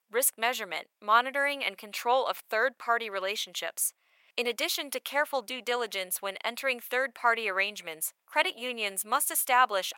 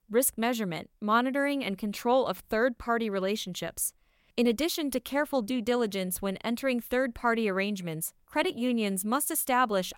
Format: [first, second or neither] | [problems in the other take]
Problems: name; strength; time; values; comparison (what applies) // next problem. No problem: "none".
second | thin; very; fading below 750 Hz